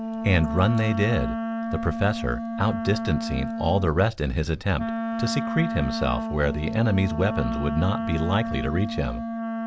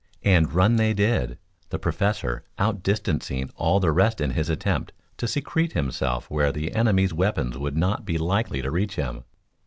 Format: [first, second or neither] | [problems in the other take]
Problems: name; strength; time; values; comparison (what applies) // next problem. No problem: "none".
second | background sound (Wind instrument, woodwind instrument); 4 dB below the speech